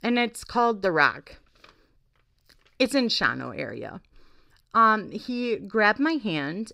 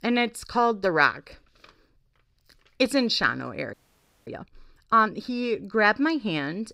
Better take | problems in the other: first | audio freezing; at 3.5 s for 0.5 s

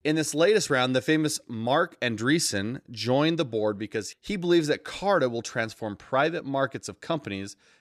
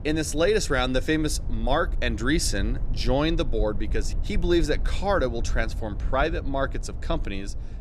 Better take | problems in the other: first | low rumble; faint; throughout; 20 dB below the speech

